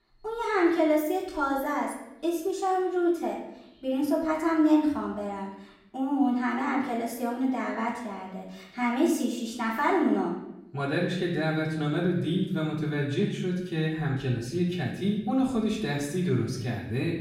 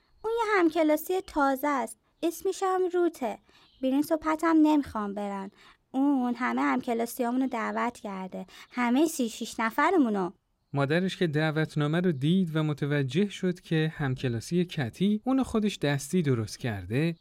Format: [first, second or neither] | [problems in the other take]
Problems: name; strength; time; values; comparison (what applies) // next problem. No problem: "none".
second | off-mic speech; far // room echo; noticeable; dies away in 0.8 s